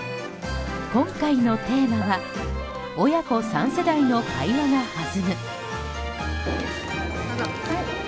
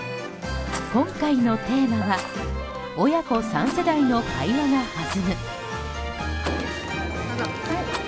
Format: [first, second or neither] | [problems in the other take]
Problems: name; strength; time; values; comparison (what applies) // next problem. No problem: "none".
first | background sound (Rattle + Glass); 17 dB below the speech